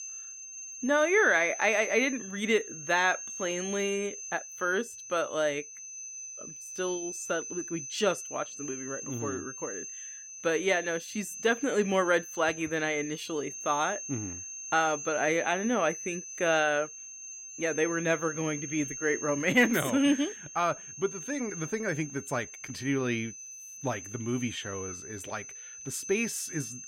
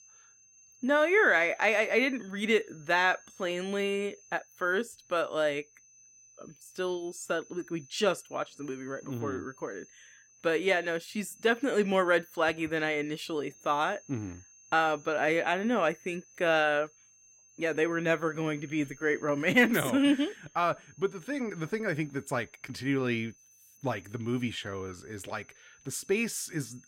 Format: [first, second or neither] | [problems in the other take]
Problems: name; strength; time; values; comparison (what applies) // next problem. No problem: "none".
second | high-pitched whine; loud; throughout; 6.5 kHz, 9 dB below the speech; faint in the second